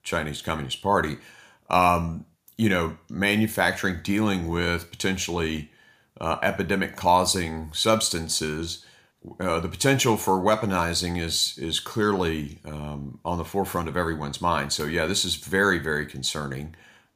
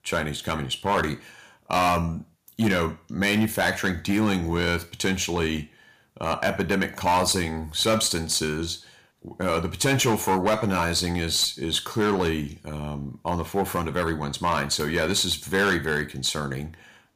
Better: first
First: none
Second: distortion; slight; 5% of the sound clipped

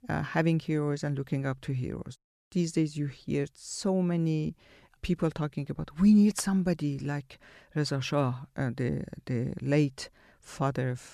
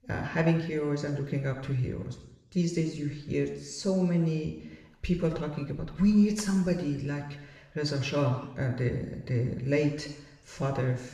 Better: first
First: none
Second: room echo; noticeable; dies away in 0.9 s // off-mic speech; somewhat distant

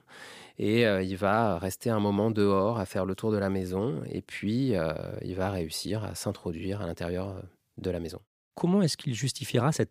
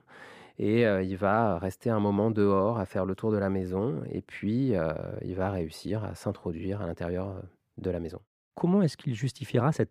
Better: first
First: none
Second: muffled; slightly; fading above 2.5 kHz

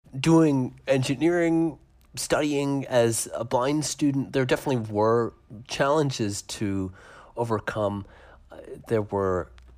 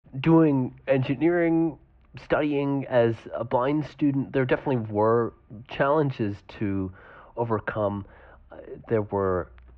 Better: first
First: none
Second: muffled; very; fading above 2.5 kHz

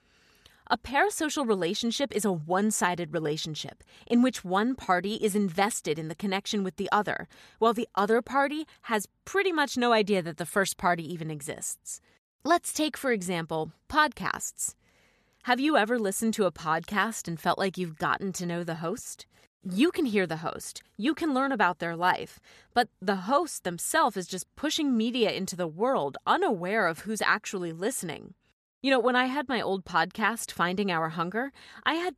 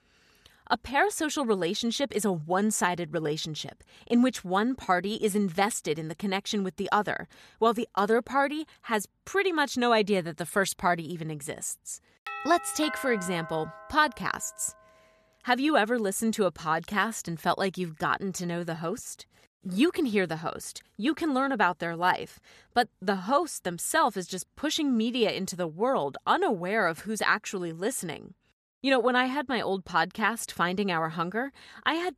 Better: first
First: none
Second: doorbell; noticeable; from 12 to 14 s; peak 7 dB below the speech

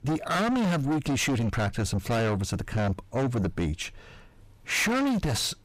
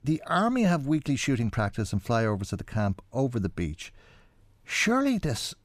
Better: second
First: distortion; heavy; 6 dB below the speech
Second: none

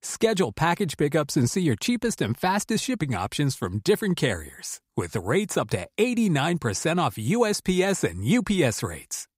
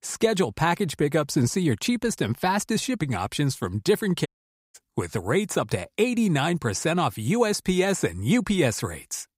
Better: first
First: none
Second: audio cutting out; at 4.5 s

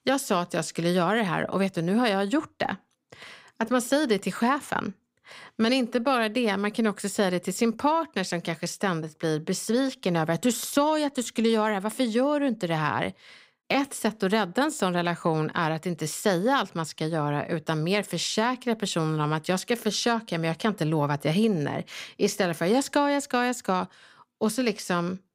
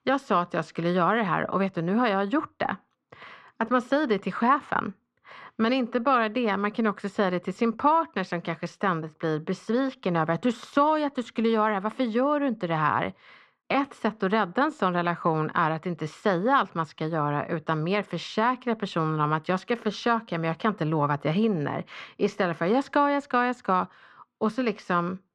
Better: first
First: none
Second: muffled; slightly; fading above 3 kHz

